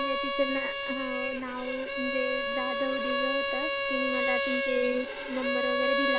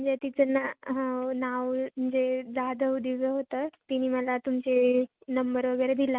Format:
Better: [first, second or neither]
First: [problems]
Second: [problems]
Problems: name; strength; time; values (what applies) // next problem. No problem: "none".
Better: second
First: background sound (Bowed string instrument); 3 dB above the speech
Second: none